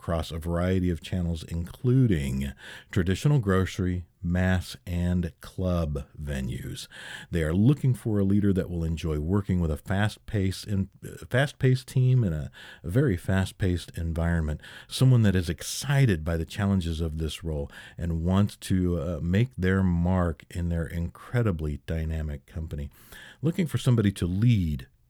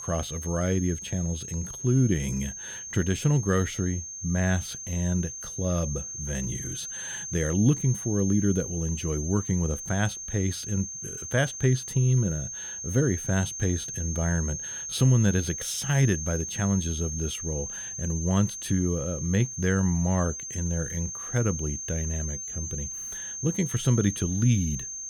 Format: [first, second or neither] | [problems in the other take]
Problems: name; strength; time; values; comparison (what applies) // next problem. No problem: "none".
first | high-pitched whine; loud; throughout; 6.5 kHz, 6 dB below the speech